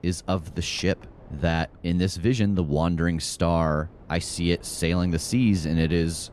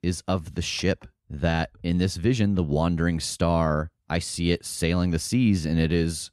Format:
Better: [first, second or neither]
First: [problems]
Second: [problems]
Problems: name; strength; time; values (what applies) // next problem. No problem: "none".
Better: second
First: wind noise on the microphone; occasional gusts; 25 dB below the speech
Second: none